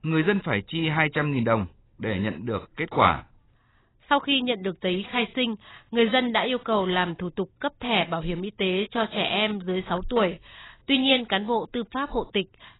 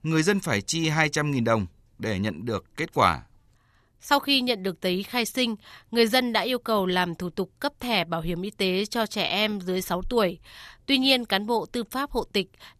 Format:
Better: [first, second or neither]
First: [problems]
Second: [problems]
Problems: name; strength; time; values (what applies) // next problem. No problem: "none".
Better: second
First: garbled, watery; badly; nothing above 4 kHz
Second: none